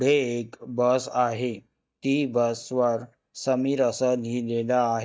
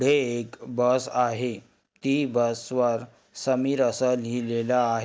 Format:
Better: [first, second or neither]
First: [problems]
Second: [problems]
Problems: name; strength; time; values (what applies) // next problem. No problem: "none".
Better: second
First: noise reduction (neural mask model DeepFilterNet 3)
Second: none